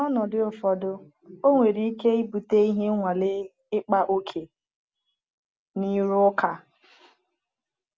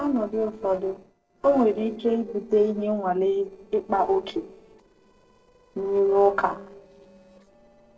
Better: first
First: none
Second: noise reduction (neural separator model SepFormer DNS4)

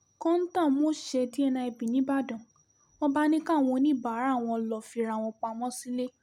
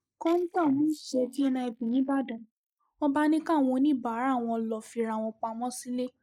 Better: first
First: none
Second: noise reduction (neural mask model Resemble Enhance denoiser)

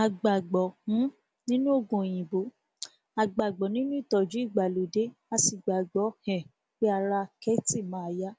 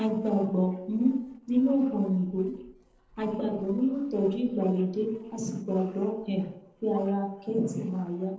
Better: first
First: none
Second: noise reduction (neural separator model SepFormer DNS4)

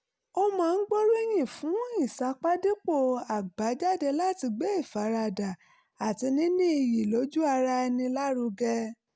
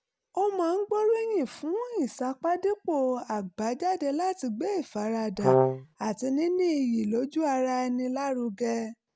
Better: first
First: none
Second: background sound (Brass instrument); 5 dB above the speech

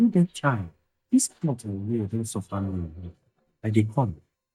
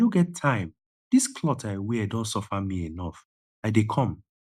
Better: second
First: noise reduction (neural mask model DeepFilterNet 3)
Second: none

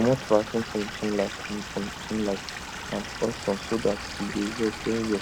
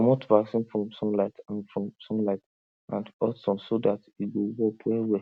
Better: second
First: background sound (Stream / Liquid); 8 dB below the speech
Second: none

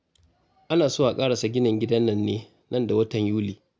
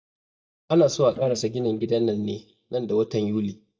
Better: first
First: none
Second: noise reduction (neural mask model DeepFilterNet 3)

